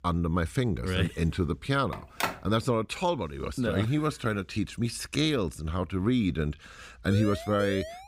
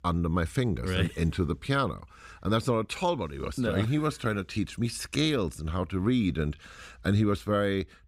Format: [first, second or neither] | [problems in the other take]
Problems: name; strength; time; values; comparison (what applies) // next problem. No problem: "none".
second | phone ringing; noticeable; at 2 s; peak 3 dB below the speech // siren; noticeable; at 7 s; peak 8 dB below the speech